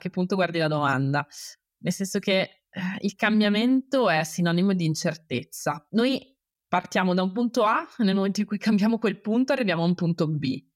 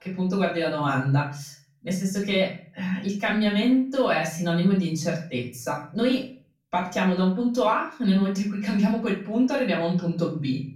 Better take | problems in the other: first | off-mic speech; far // room echo; slight; dies away in 0.4 s

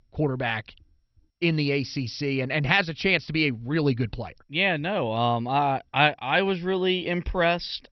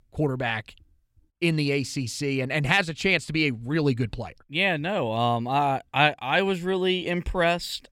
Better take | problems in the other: second | garbled, watery; slightly; nothing above 5.5 kHz

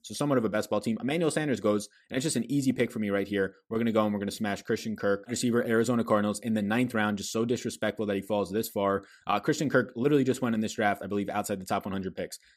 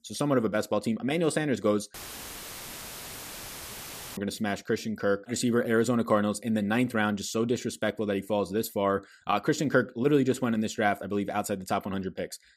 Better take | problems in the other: first | audio cutting out; filled with static; at 2 s for 2 s

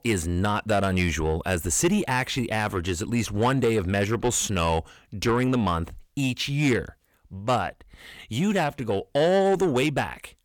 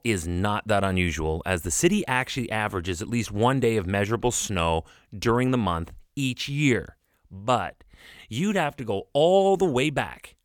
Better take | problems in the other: second | distortion; slight; 10 dB below the speech

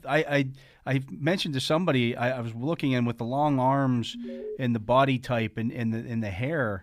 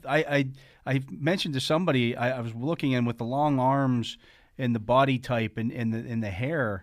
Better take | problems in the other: second | alarm; noticeable; at 4 s; peak 10 dB below the speech

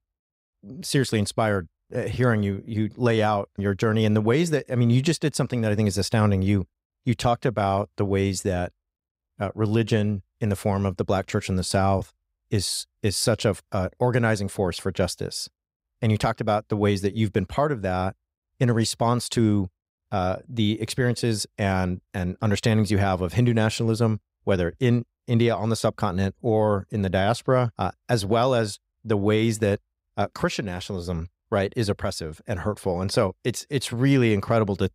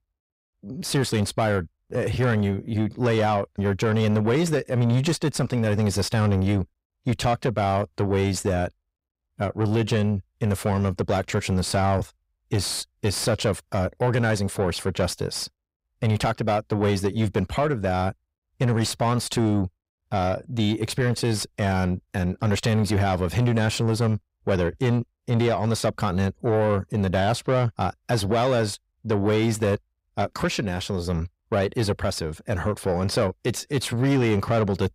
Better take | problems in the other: first | distortion; slight; 10 dB below the speech

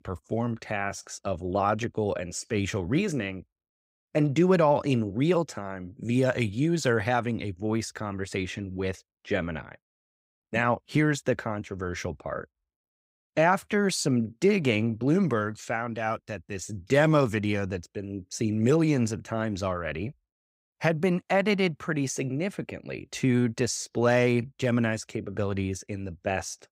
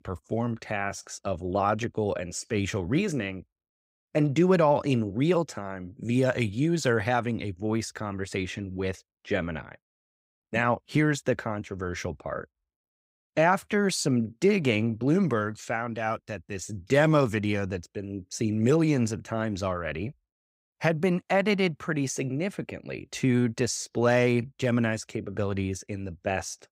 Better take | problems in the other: neither | none

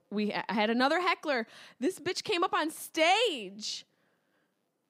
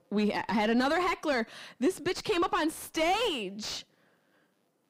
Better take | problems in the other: first | distortion; heavy; 6 dB below the speech

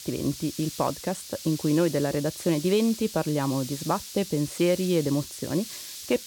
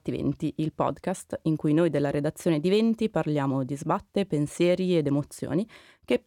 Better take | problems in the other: second | hiss; noticeable; throughout; 10 dB below the speech

